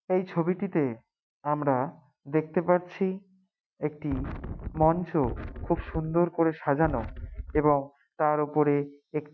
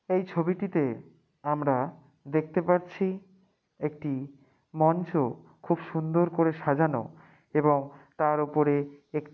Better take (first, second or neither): second